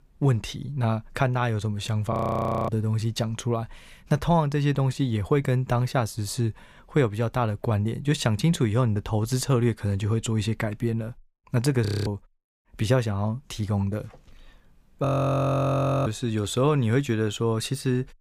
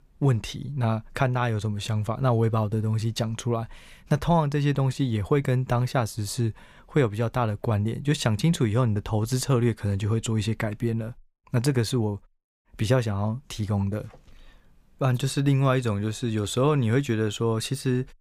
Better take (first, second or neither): second